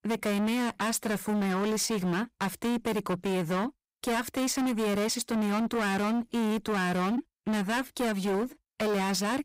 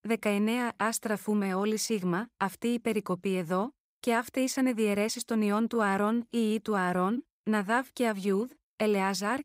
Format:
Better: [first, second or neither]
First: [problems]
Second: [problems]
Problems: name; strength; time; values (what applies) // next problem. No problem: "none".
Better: second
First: distortion; heavy; 32% of the sound clipped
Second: none